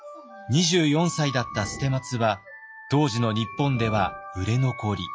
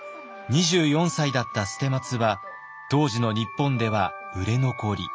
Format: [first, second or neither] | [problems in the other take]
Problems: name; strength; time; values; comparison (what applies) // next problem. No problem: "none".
second | noise reduction (classical method log-MMSE)